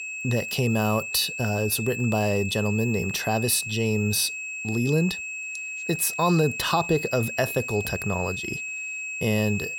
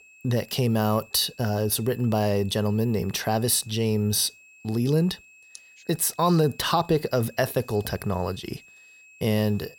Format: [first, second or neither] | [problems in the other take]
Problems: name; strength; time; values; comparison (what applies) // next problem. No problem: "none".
second | high-pitched whine; loud; throughout; 2.5 kHz, 6 dB below the speech; faint in the second